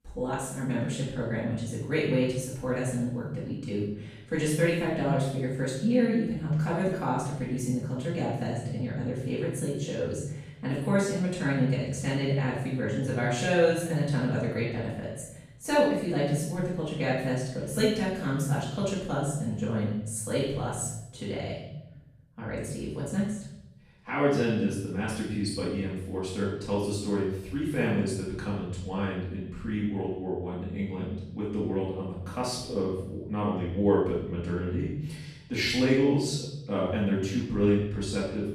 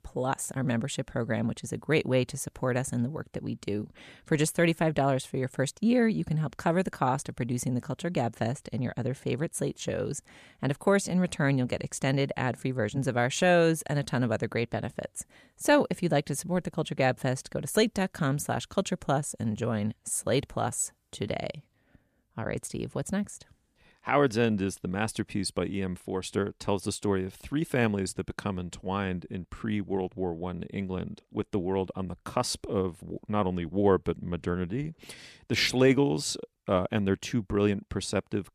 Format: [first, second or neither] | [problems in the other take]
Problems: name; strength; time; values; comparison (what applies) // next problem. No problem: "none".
second | off-mic speech; far // room echo; noticeable; dies away in 0.9 s